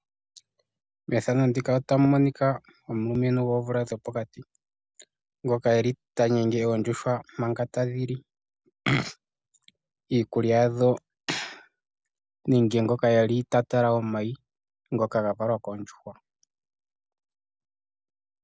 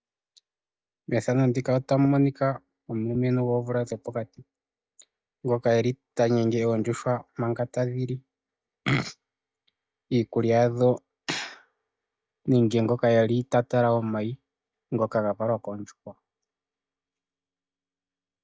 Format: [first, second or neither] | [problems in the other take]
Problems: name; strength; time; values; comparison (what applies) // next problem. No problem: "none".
first | noise reduction (neural mask model DeepFilterNet 3)